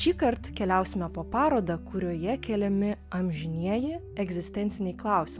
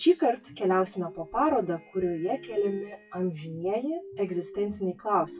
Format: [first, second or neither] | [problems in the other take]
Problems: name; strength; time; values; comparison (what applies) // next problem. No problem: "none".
first | noise reduction (classical method WPE with log-MMSE)